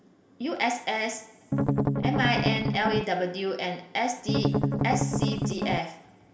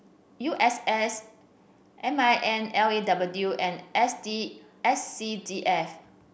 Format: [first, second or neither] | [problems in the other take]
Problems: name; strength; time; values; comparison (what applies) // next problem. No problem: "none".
second | background sound (Strum); 4 dB above the speech // room echo; dies away in 1.7 s